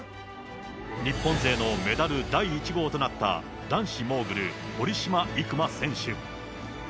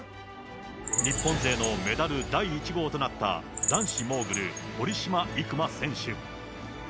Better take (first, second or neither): first